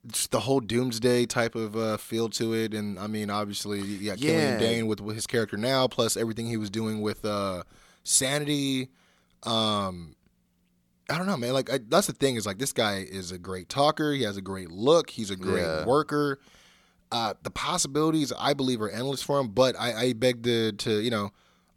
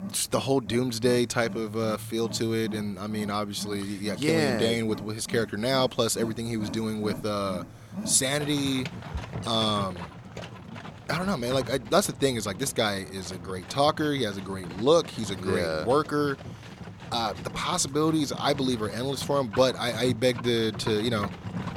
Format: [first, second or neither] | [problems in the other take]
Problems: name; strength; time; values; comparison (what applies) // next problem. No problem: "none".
first | animal sounds; noticeable; throughout; 15 dB below the speech